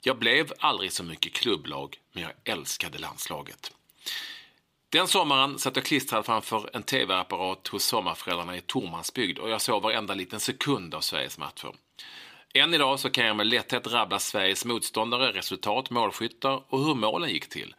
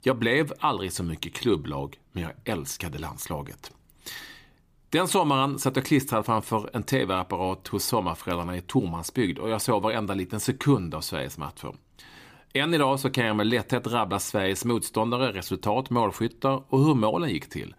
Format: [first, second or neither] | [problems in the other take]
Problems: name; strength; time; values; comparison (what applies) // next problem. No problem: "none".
second | thin; very slightly; fading below 450 Hz